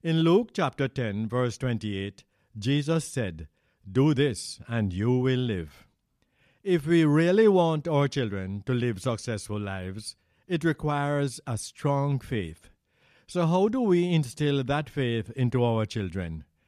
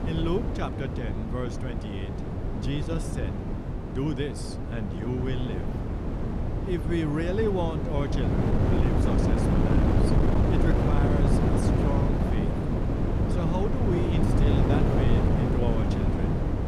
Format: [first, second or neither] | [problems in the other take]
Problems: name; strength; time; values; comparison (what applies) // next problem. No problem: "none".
first | wind noise on the microphone; heavy; 2 dB above the speech